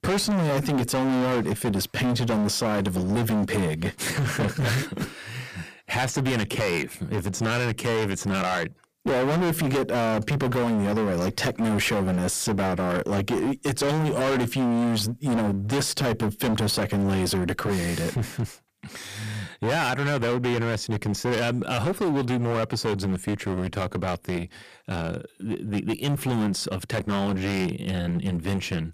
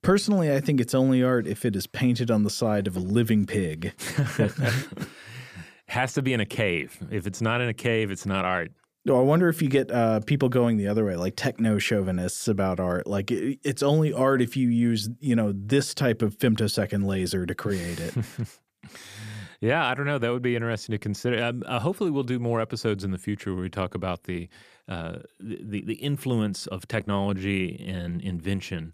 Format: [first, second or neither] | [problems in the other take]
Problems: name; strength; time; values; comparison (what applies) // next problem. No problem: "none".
second | distortion; heavy; 29% of the sound clipped